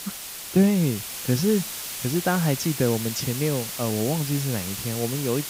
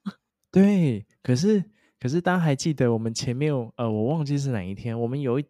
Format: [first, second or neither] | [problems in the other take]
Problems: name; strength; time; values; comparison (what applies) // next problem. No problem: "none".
second | hiss; loud; throughout; 6 dB below the speech